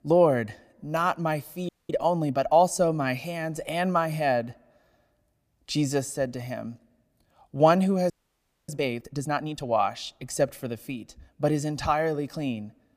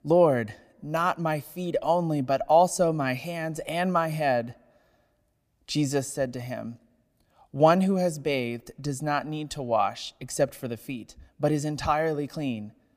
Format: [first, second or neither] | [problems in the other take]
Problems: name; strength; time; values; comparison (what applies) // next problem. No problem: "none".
second | audio freezing; at 1.5 s and at 8 s for 0.5 s